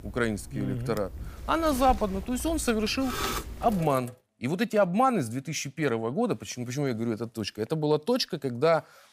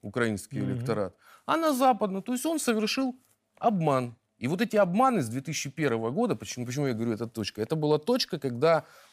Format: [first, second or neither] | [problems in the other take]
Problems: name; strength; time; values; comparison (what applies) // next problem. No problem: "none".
second | household noises; noticeable; until 4 s; 10 dB below the speech